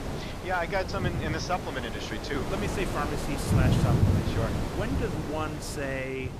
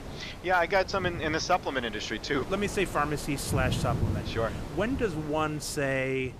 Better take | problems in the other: second | wind noise on the microphone; heavy; 3 dB below the speech; occasional gusts in the second

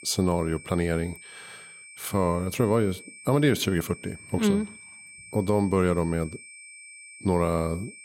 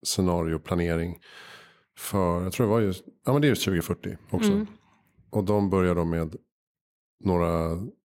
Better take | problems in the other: second | high-pitched whine; noticeable; throughout; 2.5 kHz, 15 dB below the speech

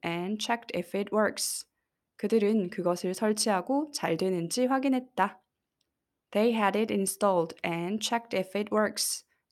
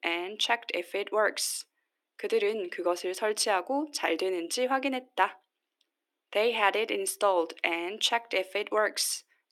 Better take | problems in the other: first | thin; somewhat; fading below 300 Hz

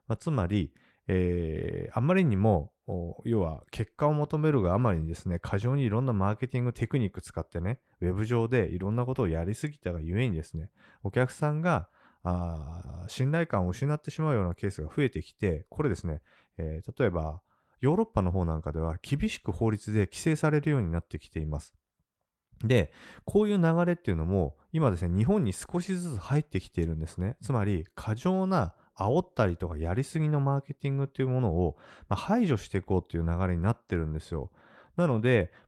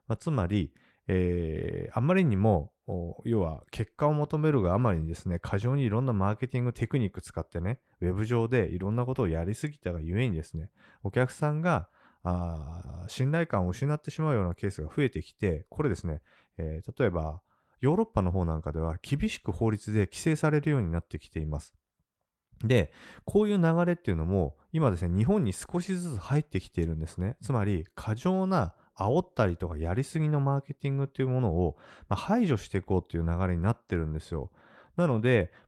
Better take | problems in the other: neither | garbled, watery; slightly; nothing above 15.5 kHz; the same in both

